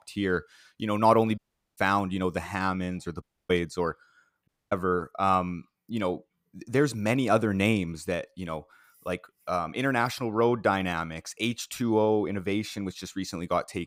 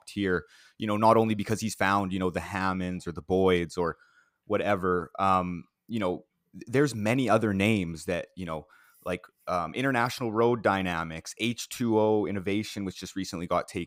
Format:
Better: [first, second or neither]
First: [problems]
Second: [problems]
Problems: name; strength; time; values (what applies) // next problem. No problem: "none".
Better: second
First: audio cutting out; at 1.5 s, at 3 s and at 4.5 s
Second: none